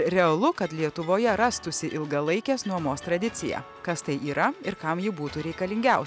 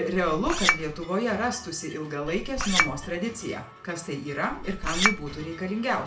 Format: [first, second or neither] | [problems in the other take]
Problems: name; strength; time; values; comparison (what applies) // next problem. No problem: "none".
first | background sound (Chink, clink); 1 dB above the speech // room echo; dies away in 0.4 s